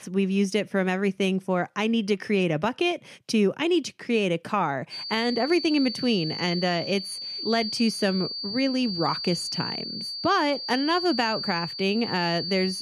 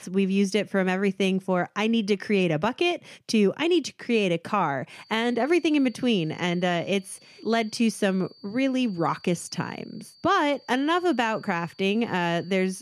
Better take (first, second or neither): second